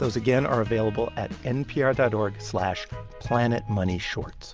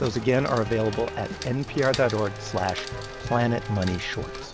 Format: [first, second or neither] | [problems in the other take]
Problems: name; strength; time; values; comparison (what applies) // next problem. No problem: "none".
first | background sound (Rain + Race car, auto racing / Accelerating, revving, vroom); 12 dB below the speech